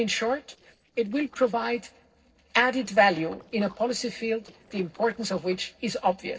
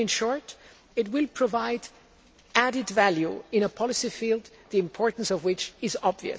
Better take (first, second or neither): second